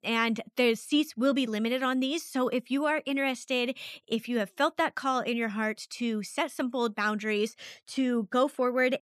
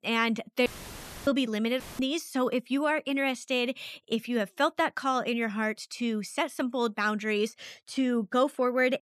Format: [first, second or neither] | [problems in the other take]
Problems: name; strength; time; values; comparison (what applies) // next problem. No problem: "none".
first | audio cutting out; filled with static; at 0.5 s for 0.5 s and at 2 s